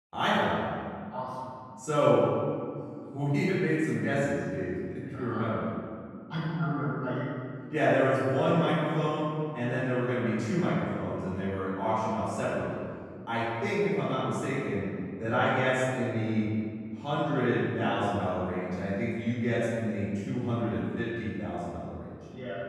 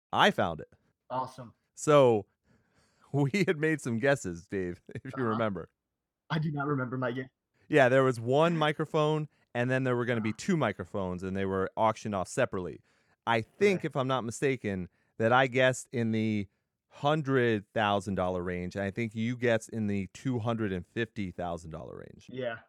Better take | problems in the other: second | room echo; strong; dies away in 2.1 s // off-mic speech; far

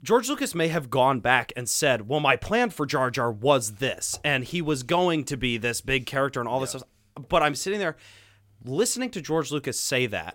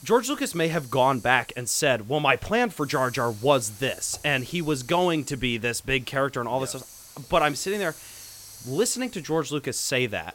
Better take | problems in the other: first | hiss; faint; throughout; 20 dB below the speech

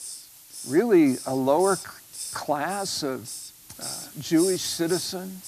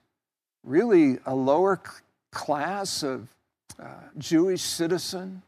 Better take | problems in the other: second | hiss; noticeable; throughout; 10 dB below the speech

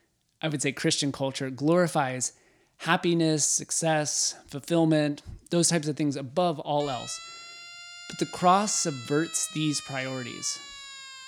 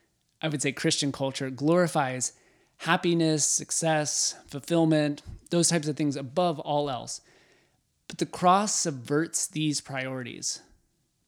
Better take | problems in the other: second | siren; faint; from 7 s on; peak 15 dB below the speech

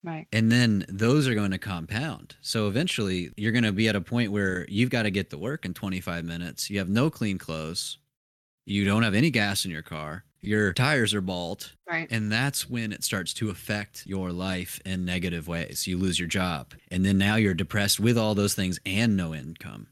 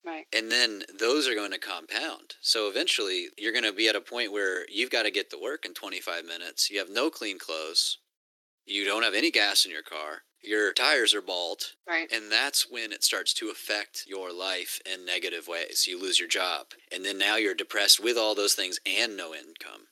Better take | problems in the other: first | thin; very; fading below 300 Hz

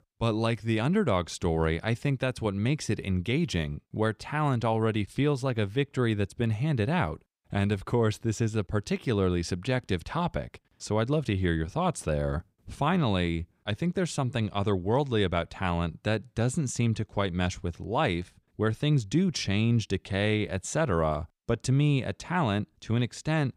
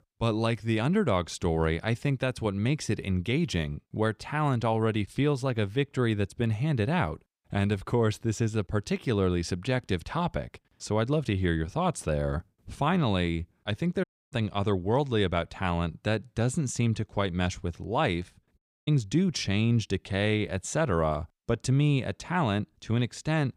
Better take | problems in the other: first | audio cutting out; at 14 s and at 19 s

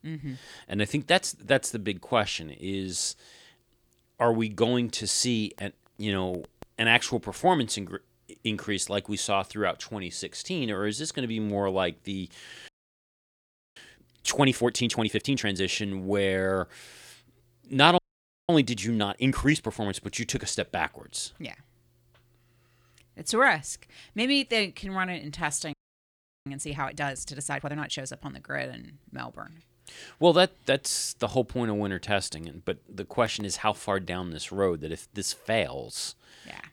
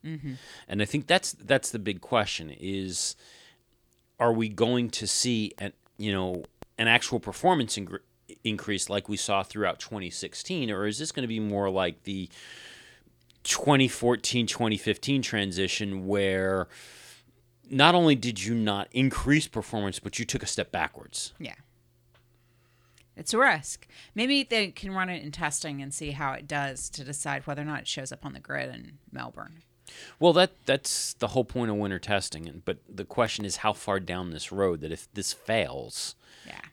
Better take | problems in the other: second | audio freezing; at 13 s for 1 s, at 18 s for 0.5 s and at 26 s for 0.5 s

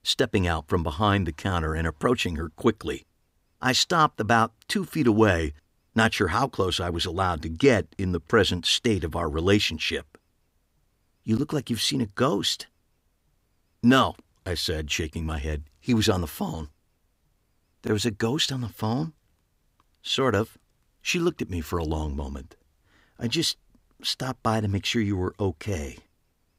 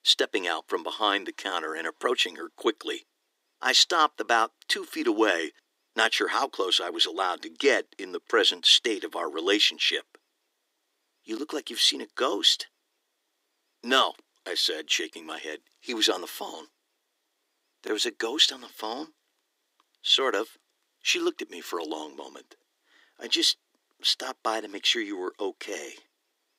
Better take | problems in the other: first | thin; very; fading below 300 Hz

